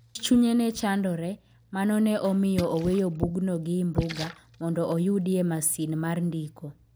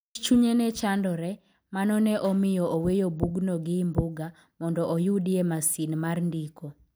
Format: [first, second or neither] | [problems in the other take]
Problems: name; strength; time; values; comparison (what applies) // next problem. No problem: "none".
second | background sound (Splash, splatter); 20 dB below the speech